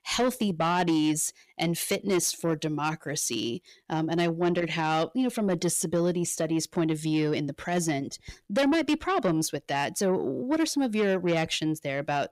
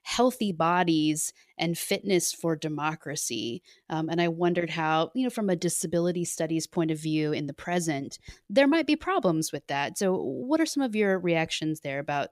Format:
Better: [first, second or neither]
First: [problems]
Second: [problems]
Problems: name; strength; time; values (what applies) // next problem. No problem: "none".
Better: second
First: distortion; slight; 10 dB below the speech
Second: none